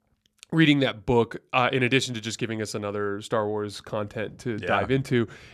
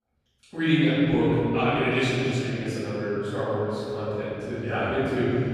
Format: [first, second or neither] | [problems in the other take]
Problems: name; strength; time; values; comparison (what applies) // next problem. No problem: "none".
first | off-mic speech; far // room echo; strong; dies away in 3 s